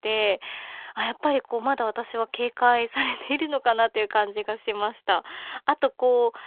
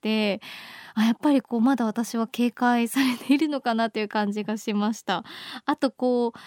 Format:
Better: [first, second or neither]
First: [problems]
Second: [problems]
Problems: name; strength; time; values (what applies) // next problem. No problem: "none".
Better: second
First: phone-call audio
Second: none